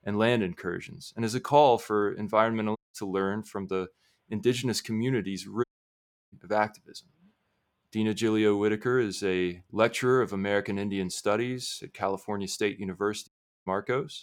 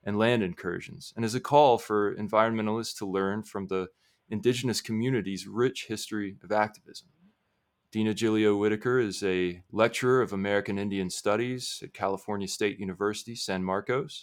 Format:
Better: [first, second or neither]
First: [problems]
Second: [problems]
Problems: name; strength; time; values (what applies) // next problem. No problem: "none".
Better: second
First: audio cutting out; at 3 s, at 5.5 s for 0.5 s and at 13 s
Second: none